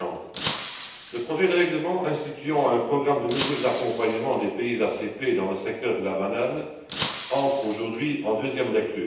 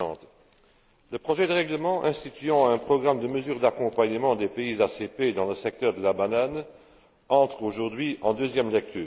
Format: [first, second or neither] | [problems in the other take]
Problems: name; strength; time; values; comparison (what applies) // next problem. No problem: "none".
second | background sound (Shatter); 12 dB below the speech // room echo; dies away in 0.9 s